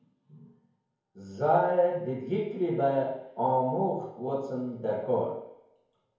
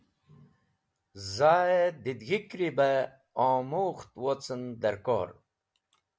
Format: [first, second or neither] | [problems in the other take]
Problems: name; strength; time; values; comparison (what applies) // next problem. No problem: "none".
second | room echo; dies away in 0.9 s